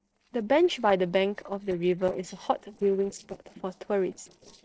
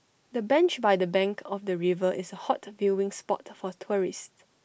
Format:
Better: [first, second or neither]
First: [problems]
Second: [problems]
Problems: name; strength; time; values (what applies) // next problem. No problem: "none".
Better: second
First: noise reduction (neural separator model SepFormer DNS4)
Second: none